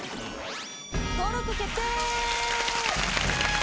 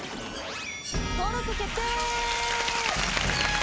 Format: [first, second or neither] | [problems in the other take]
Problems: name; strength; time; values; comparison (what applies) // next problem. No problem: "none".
first | background sound (Bird); 13 dB below the speech